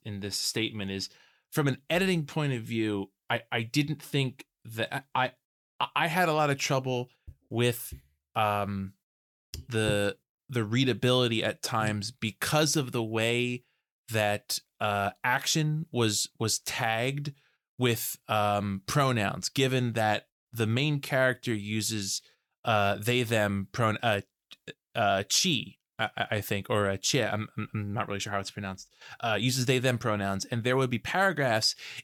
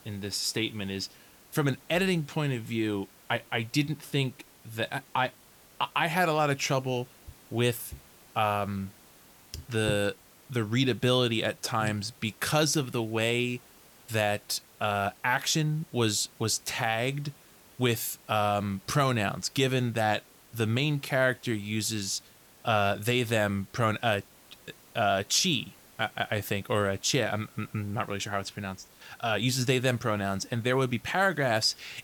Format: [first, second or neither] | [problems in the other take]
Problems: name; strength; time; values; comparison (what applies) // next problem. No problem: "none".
first | hiss; faint; throughout; 25 dB below the speech